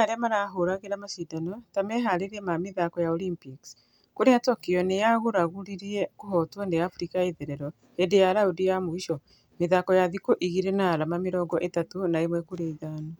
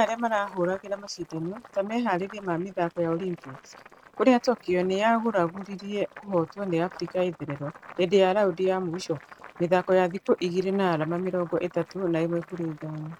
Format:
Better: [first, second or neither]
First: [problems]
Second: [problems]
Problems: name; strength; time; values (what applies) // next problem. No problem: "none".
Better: first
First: none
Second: noise reduction (neural mask model RNNoise)